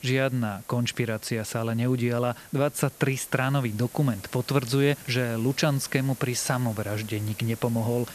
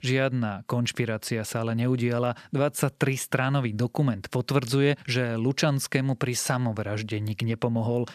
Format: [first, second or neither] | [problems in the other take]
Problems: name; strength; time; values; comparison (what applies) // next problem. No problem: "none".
second | hiss; noticeable; throughout; 20 dB below the speech